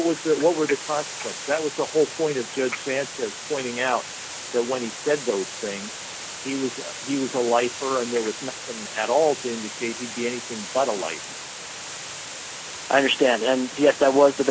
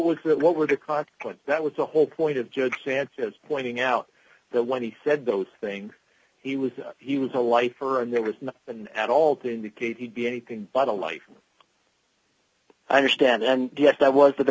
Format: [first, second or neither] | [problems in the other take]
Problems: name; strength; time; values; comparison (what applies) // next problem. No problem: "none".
second | background sound (Water); 10 dB below the speech